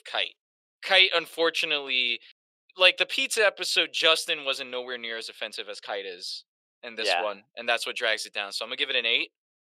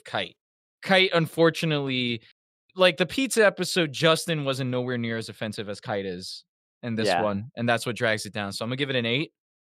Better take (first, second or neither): second